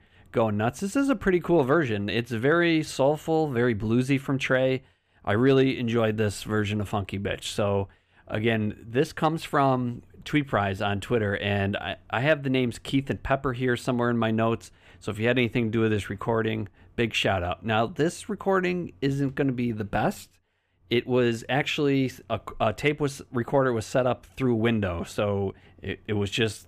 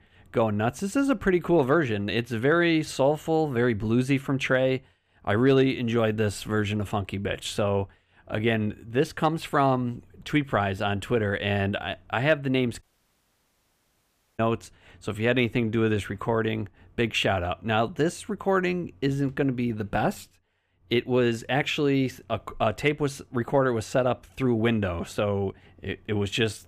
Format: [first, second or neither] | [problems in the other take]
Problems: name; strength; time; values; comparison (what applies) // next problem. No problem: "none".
first | audio cutting out; at 13 s for 1.5 s